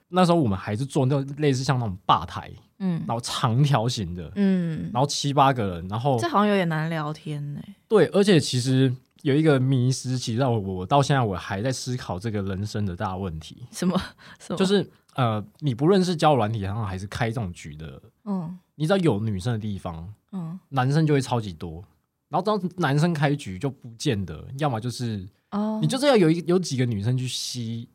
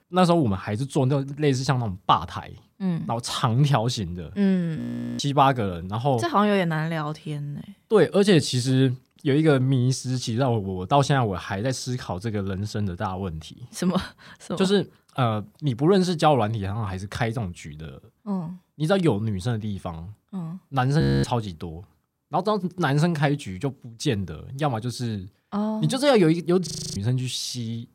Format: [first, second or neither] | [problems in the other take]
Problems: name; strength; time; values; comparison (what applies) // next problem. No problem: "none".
first | audio freezing; at 5 s, at 21 s and at 27 s